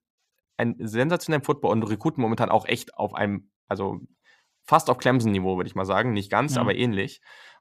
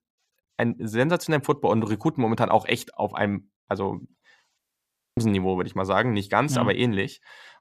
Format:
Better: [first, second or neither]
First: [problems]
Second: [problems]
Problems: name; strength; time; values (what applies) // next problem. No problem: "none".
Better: first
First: none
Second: audio cutting out; at 4.5 s for 0.5 s